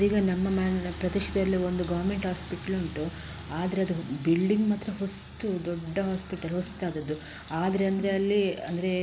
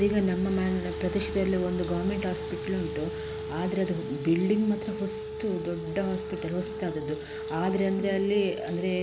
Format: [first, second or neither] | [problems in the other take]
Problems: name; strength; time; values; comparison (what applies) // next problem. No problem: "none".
first | background sound (Wind instrument, woodwind instrument); 7 dB below the speech